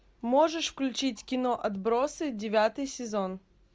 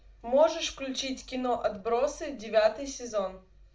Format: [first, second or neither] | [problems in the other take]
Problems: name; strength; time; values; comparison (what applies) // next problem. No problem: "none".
first | room echo; dies away in 0.3 s